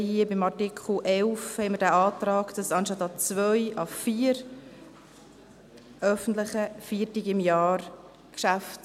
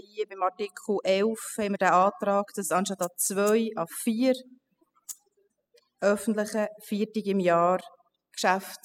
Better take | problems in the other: first | noise reduction (classical method spectral subtraction)

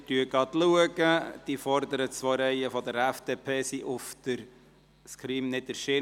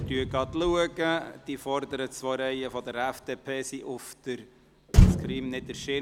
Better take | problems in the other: first | background sound (Motor vehicle (road)); 2 dB above the speech

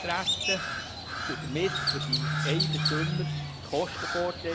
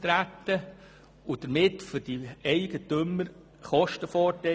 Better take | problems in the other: second | background sound (Crow); 3 dB above the speech

